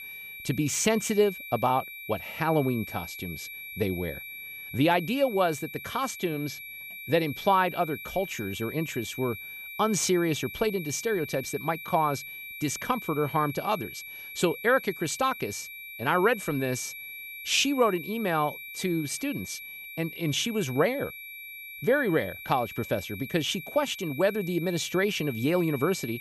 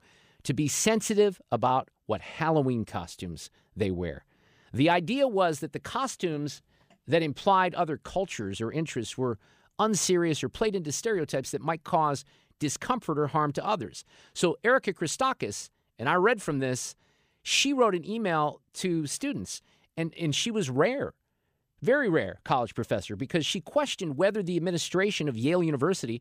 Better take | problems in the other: second | high-pitched whine; noticeable; throughout; 2.5 kHz, 10 dB below the speech

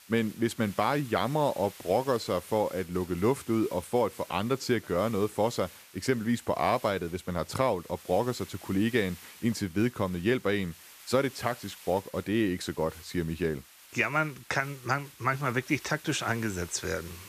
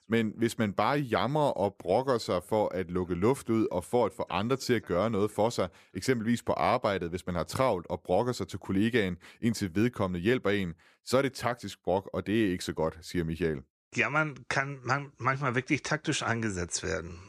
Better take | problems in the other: second | hiss; noticeable; throughout; 20 dB below the speech

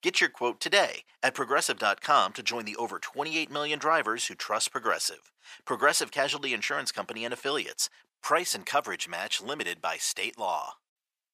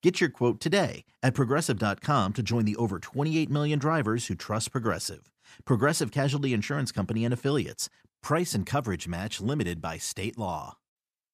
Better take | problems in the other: second | thin; very; fading below 700 Hz

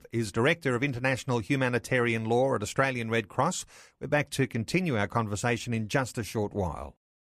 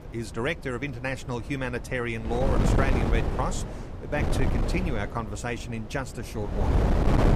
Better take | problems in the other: first | wind noise on the microphone; heavy; 1 dB below the speech

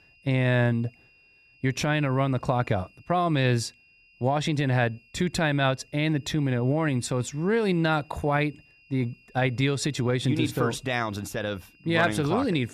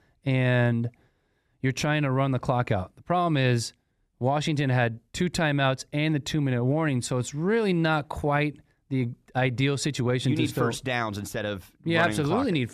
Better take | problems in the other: second | high-pitched whine; faint; throughout; 2.5 kHz, 30 dB below the speech

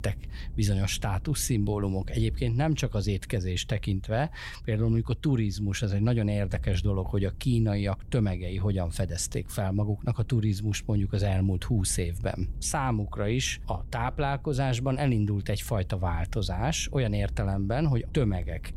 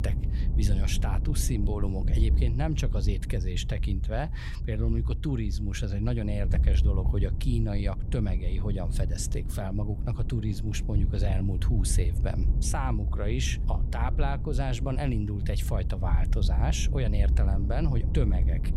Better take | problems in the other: first | low rumble; loud; throughout; 9 dB below the speech; faint in the first

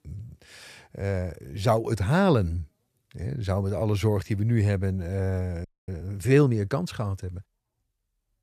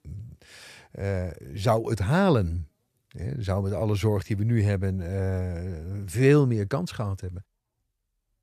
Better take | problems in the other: second | audio freezing; at 5.5 s

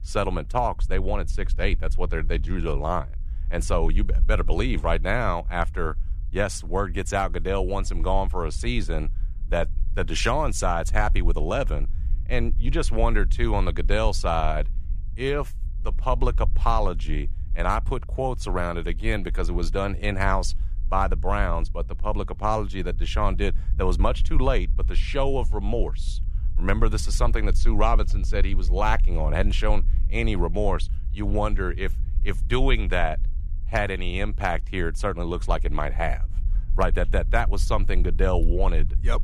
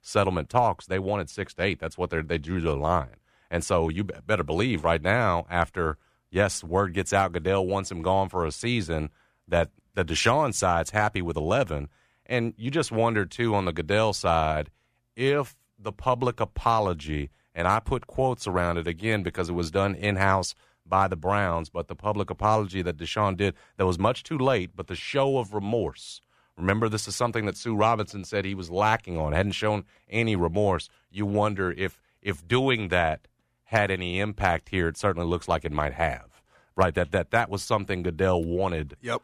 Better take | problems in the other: second | low rumble; faint; throughout; 25 dB below the speech

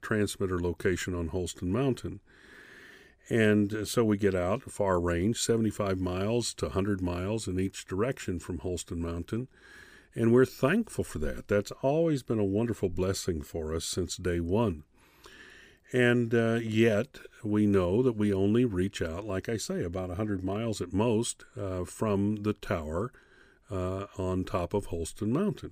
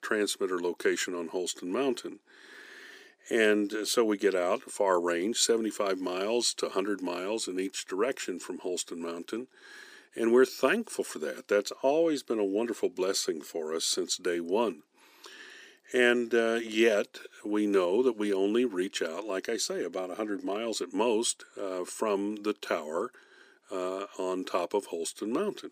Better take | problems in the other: first | thin; somewhat; fading below 300 Hz

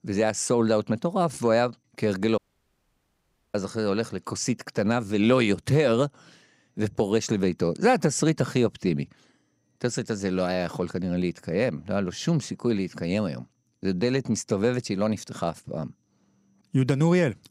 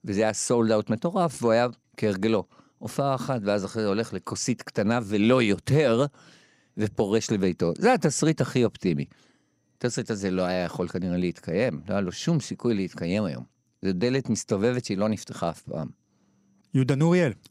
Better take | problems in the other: second | audio cutting out; at 2.5 s for 1 s

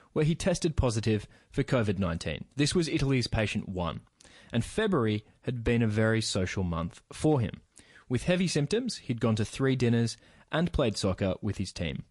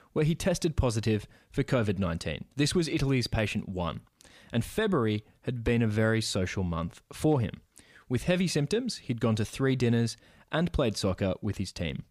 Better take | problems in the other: second | garbled, watery; slightly

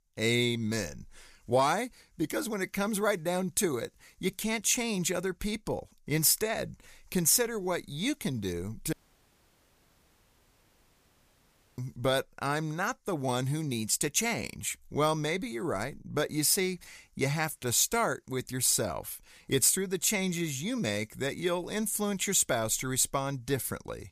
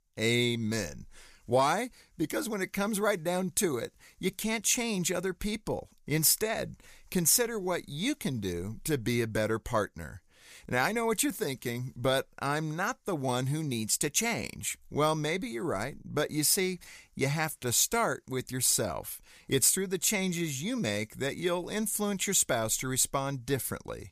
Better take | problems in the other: second | audio cutting out; at 9 s for 3 s

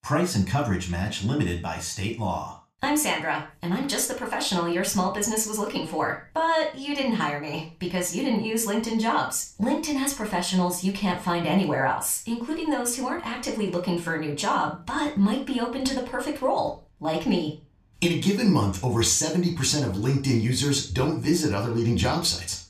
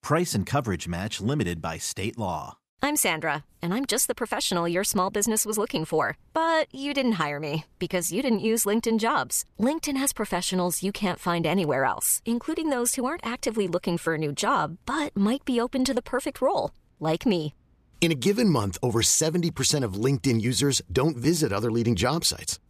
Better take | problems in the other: second | room echo; slight; dies away in 0.3 s // off-mic speech; somewhat distant

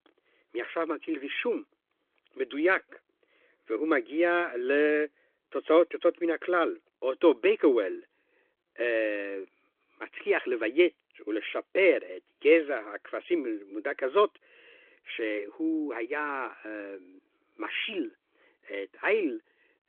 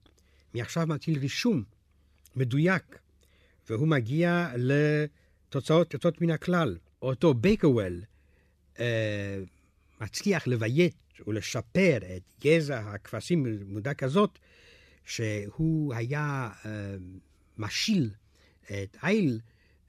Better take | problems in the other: second | phone-call audio; nothing above 3.5 kHz

